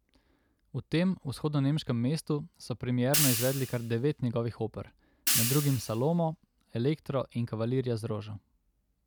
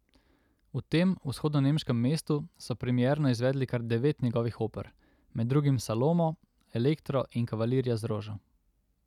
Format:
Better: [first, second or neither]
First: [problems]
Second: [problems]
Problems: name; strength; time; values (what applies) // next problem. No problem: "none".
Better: second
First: background sound (Hi-hat); 3 dB below the speech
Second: none